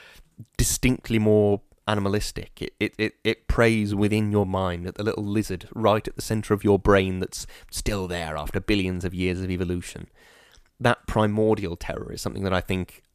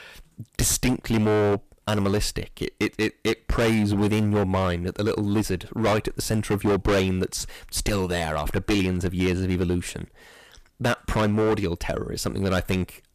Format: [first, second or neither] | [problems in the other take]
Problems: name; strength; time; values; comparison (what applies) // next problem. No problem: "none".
first | distortion; heavy; 12% of the sound clipped